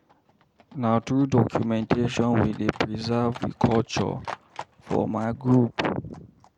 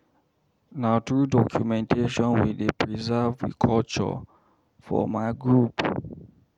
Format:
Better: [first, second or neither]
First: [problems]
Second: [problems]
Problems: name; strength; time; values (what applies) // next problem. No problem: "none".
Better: second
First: background sound (Livestock, farm animals, working animals); 19 dB below the speech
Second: none